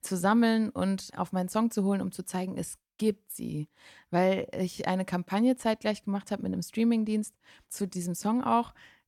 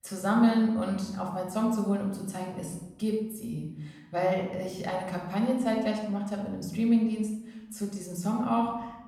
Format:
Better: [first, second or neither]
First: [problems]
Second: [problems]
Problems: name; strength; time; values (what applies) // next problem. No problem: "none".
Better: first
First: none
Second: off-mic speech; somewhat distant // room echo; noticeable; dies away in 0.9 s